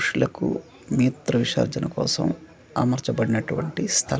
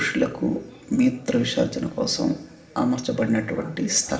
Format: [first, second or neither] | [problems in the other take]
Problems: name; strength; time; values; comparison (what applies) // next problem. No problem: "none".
first | room echo; dies away in 1.7 s